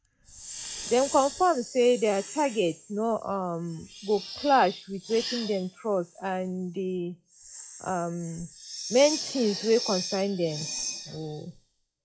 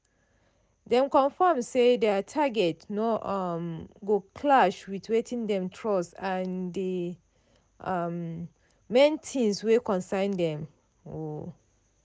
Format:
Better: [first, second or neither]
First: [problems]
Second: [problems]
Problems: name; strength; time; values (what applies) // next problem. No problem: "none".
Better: second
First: noise reduction (classical method log-MMSE)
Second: none